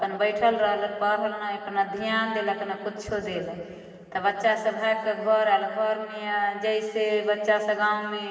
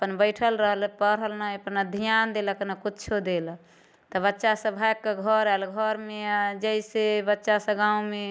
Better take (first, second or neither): second